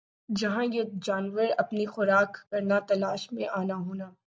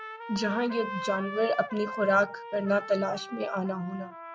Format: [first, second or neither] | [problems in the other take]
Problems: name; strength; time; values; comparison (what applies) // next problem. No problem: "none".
first | background sound (Trumpet); 10 dB below the speech